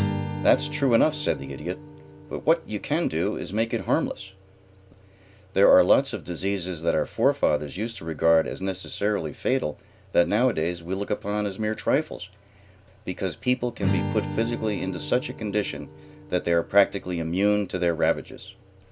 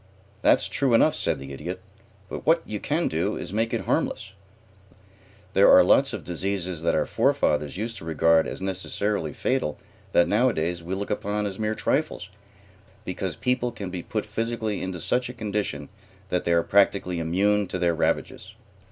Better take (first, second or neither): second